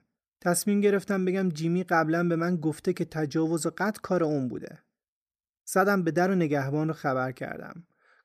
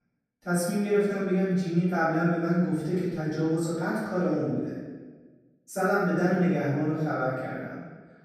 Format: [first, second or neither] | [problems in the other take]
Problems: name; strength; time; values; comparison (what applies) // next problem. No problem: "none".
first | room echo; strong; dies away in 1.2 s // off-mic speech; far